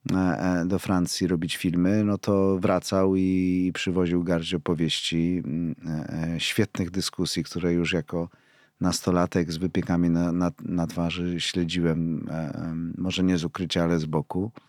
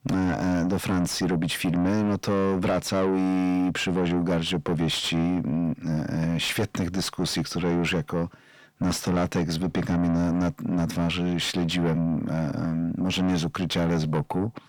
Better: first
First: none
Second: distortion; heavy; 7 dB below the speech

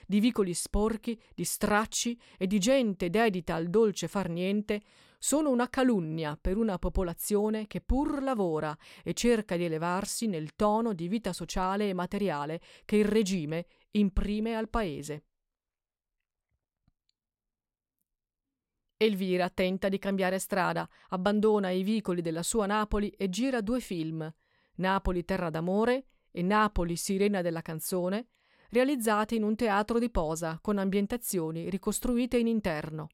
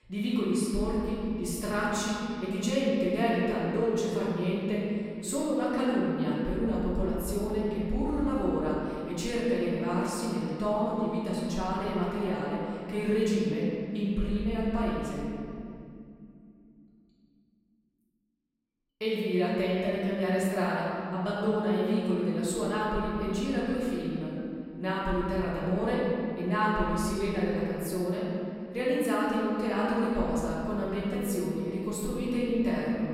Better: first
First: none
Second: room echo; strong; dies away in 2.7 s // off-mic speech; far

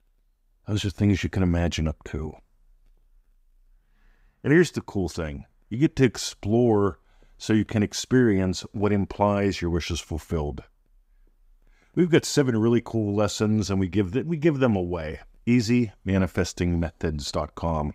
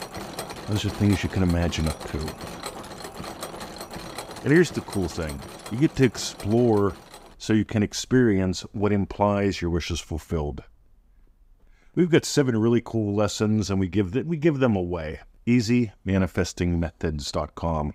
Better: first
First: none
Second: machinery noise; noticeable; throughout; 15 dB below the speech

